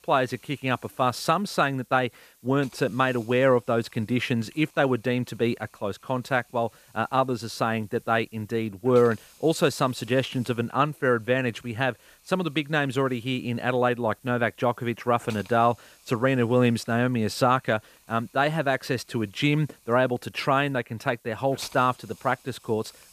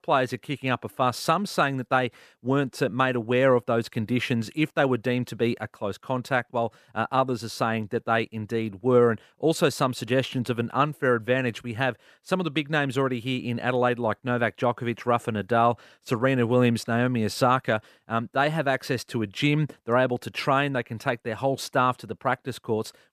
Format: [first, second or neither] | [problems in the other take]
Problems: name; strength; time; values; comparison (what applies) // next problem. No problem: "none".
second | hiss; faint; throughout; 25 dB below the speech